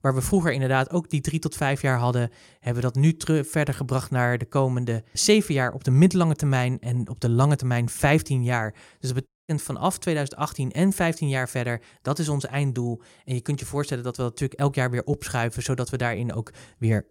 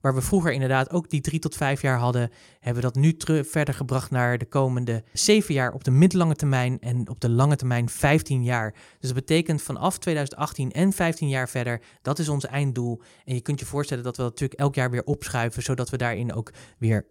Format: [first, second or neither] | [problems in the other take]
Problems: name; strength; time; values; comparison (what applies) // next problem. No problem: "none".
second | audio cutting out; at 9.5 s